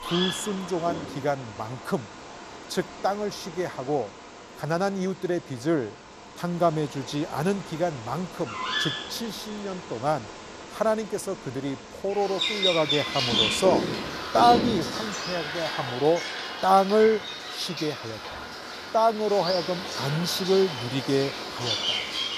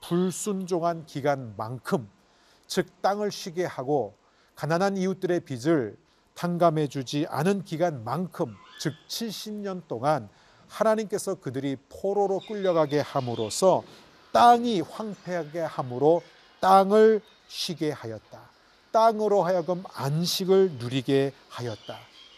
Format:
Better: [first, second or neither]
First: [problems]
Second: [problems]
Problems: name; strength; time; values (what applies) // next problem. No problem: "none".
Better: second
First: animal sounds; loud; throughout; 3 dB below the speech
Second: animal sounds; faint; throughout; 25 dB below the speech